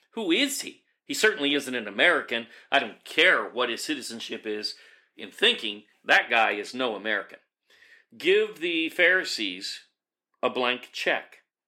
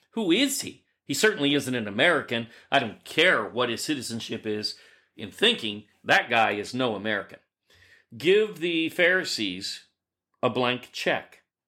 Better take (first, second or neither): second